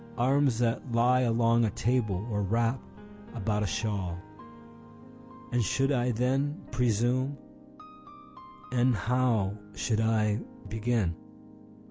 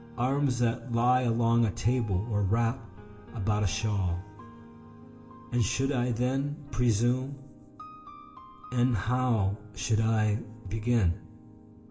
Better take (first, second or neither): first